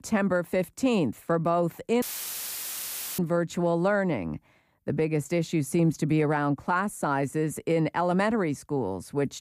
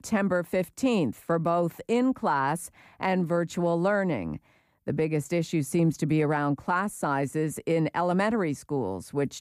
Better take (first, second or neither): second